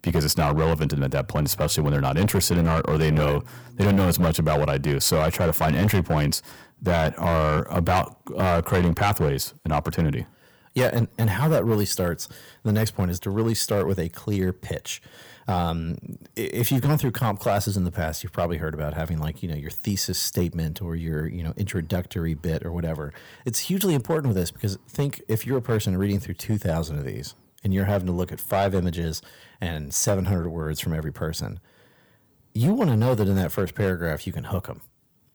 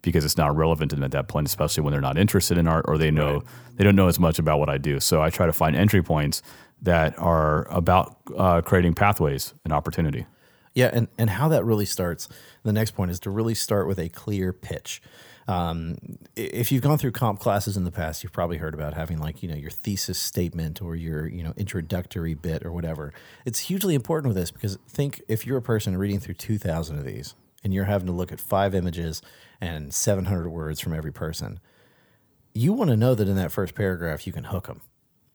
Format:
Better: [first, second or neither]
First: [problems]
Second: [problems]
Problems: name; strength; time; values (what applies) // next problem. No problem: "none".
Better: second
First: distortion; slight; 5% of the sound clipped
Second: none